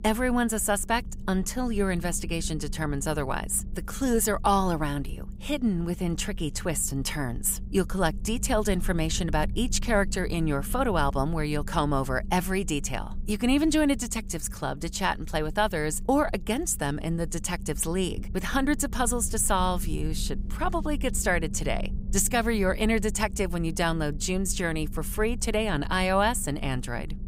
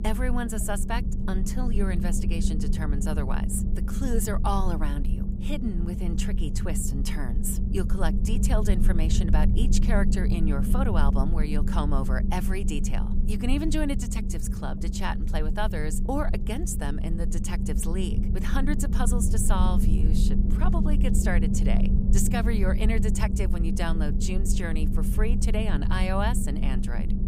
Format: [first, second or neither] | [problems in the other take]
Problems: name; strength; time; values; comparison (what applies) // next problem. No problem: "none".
first | low rumble; loud; throughout; 5 dB below the speech; faint in the first